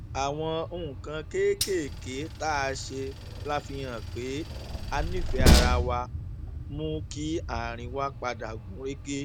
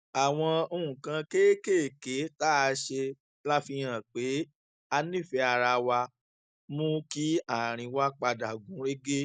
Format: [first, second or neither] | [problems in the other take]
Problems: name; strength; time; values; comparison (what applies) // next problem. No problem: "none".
second | background sound (Train); 3 dB above the speech